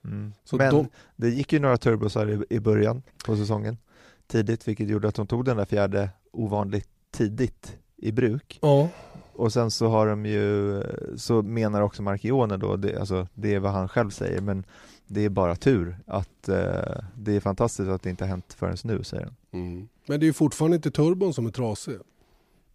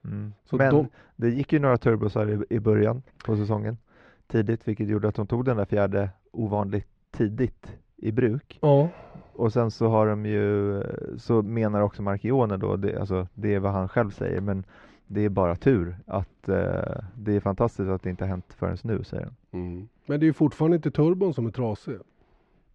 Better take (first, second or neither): first